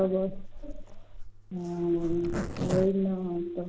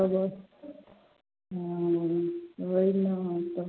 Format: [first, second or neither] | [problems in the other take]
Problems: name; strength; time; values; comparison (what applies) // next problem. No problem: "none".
second | background sound (Zipper (clothing)); 6 dB below the speech